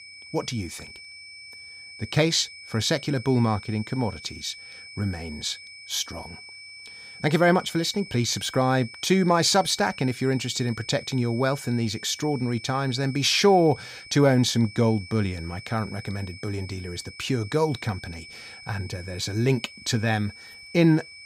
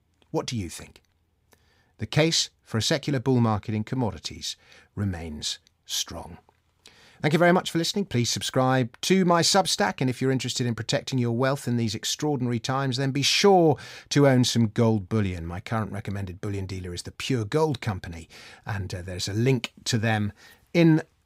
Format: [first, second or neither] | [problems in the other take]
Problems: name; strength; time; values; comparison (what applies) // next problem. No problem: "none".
second | high-pitched whine; noticeable; throughout; 2.5 kHz, 15 dB below the speech